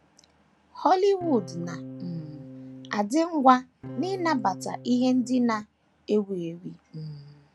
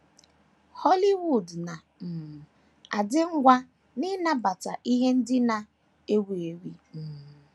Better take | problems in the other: second | background sound (Electric guitar / Strum); 14 dB below the speech

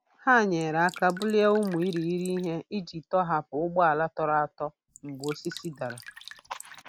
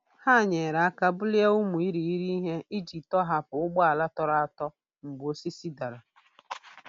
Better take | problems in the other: second | background sound (Drip); 19 dB below the speech

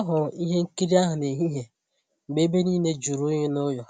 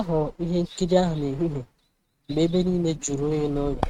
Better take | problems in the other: first | noise reduction (neural mask model RNNoise)

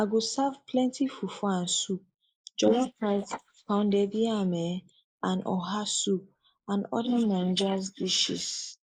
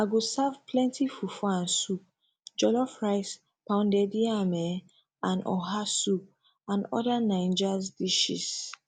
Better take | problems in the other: second | noise reduction (neural mask model Resemble Enhance denoiser)

